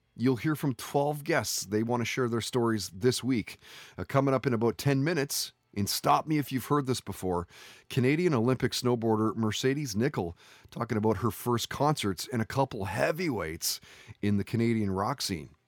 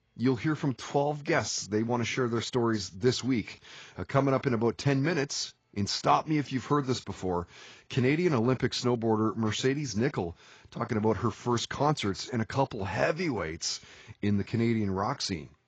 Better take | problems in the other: first | garbled, watery; badly; nothing above 7.5 kHz

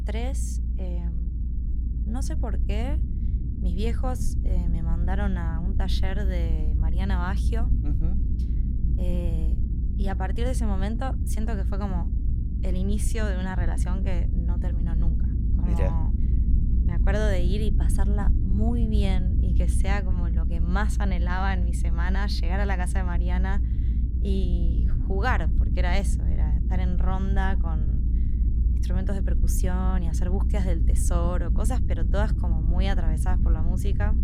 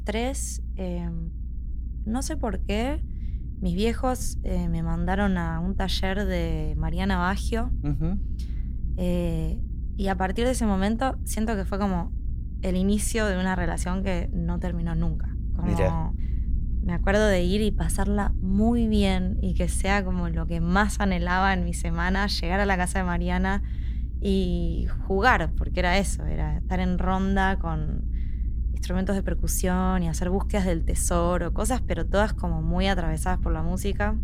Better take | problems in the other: second | low rumble; loud; throughout; 8 dB below the speech; faint in the second

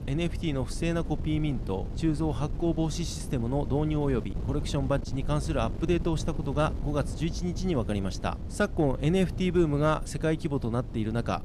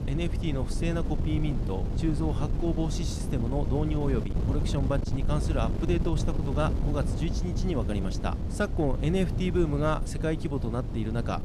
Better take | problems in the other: first | wind noise on the microphone; heavy; 7 dB below the speech; occasional gusts in the first

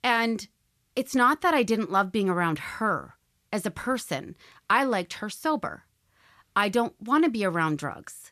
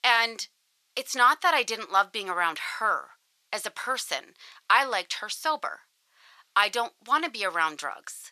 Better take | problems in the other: first | thin; very; fading below 800 Hz

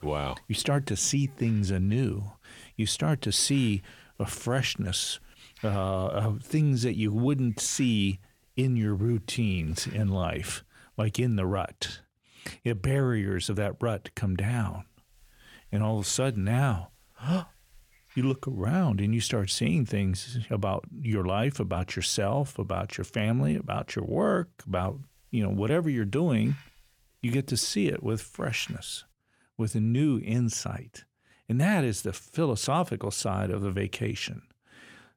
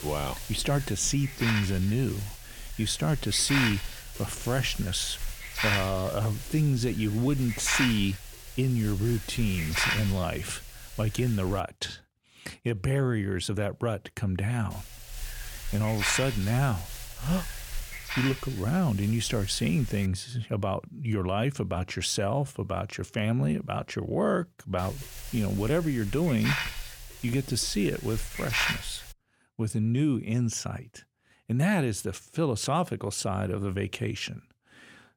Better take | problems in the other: first | hiss; loud; until 12 s, from 15 to 20 s and from 25 to 29 s; 6 dB below the speech; faint in the first

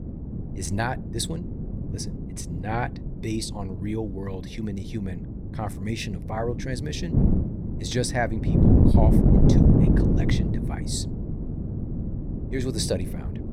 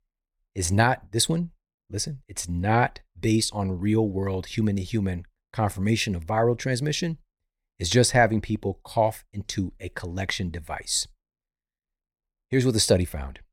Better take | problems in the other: second | wind noise on the microphone; heavy; as loud as the speech

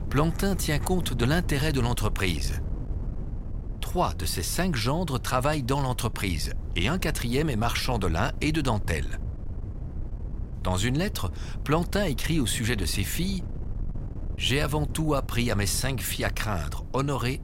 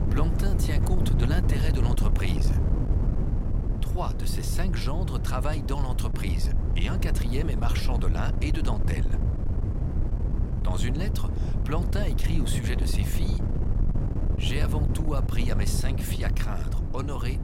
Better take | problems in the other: first | wind noise on the microphone; heavy; 4 dB below the speech; occasional gusts in the first

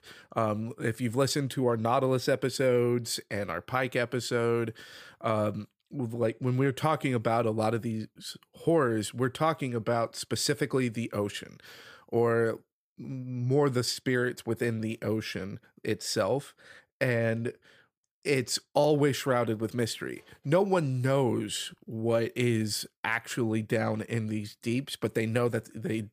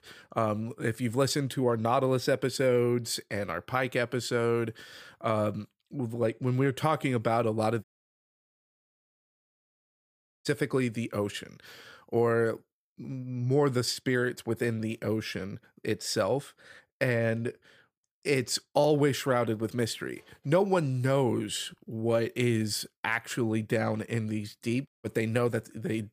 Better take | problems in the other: first | audio cutting out; at 8 s for 2.5 s and at 25 s

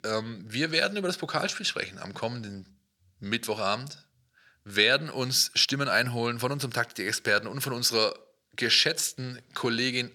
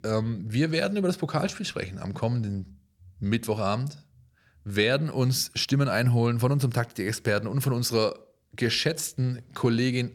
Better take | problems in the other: second | thin; somewhat; fading below 850 Hz

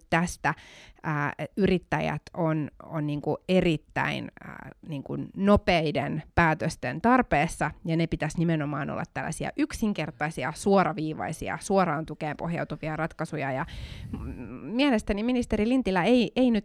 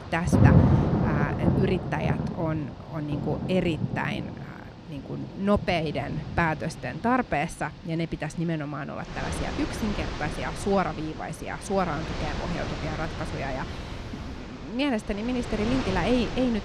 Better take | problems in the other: first | rain or running water; very loud; throughout; 1 dB above the speech

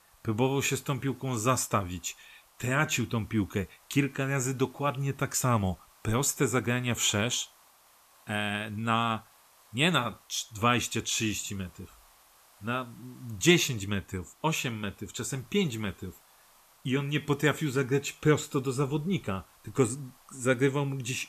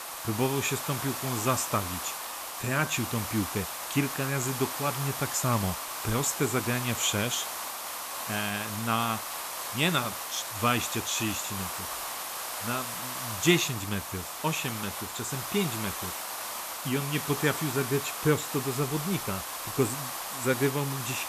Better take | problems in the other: first | hiss; loud; throughout; 4 dB below the speech; faint in the first

